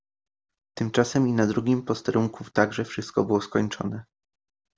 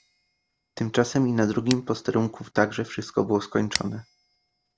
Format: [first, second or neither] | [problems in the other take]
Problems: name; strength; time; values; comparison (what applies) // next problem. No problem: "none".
first | background sound (Scissors); 15 dB below the speech